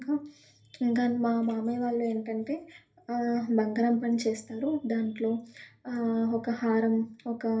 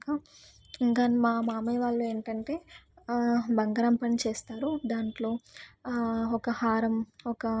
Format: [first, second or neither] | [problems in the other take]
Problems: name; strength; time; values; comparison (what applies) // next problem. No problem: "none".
second | room echo; dies away in 0.3 s